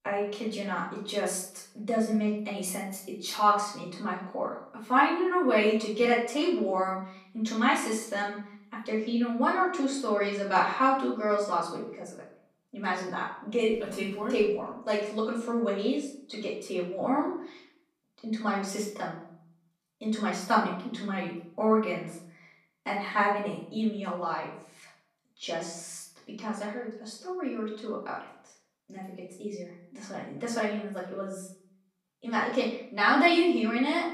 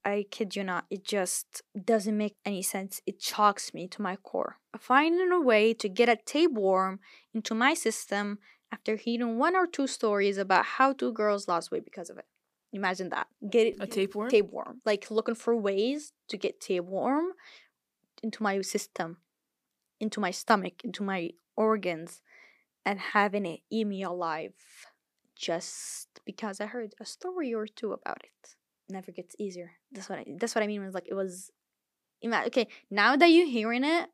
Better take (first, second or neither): second